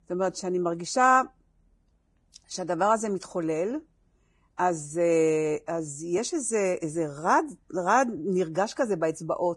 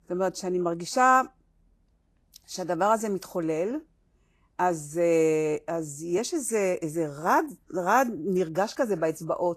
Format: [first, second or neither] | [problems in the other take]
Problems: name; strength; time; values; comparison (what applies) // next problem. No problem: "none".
second | garbled, watery; badly; slightly in the second